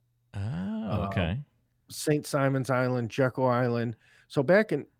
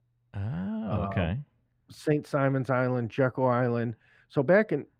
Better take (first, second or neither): first